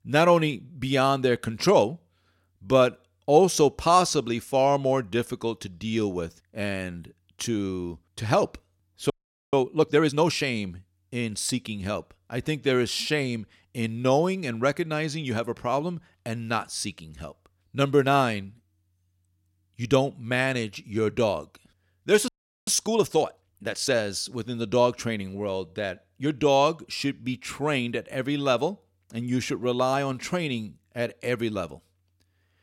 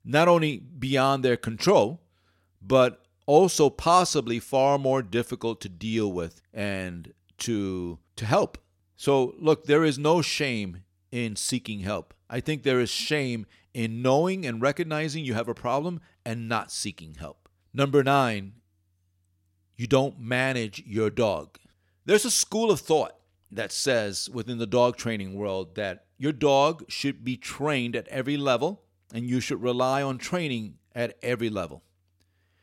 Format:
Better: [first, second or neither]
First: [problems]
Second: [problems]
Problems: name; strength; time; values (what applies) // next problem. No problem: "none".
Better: second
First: audio freezing; at 9 s and at 22 s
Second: none